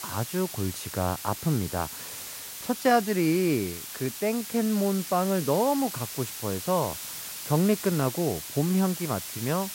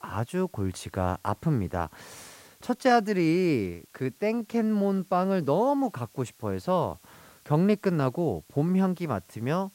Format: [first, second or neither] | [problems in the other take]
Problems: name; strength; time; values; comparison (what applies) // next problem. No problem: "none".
second | hiss; loud; throughout; 8 dB below the speech; faint in the second